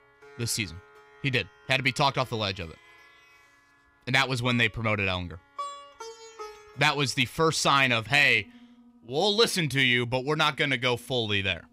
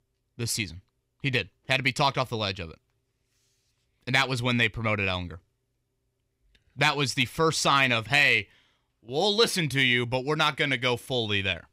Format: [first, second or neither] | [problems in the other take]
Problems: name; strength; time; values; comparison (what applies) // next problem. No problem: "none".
second | background music; faint; throughout; 25 dB below the speech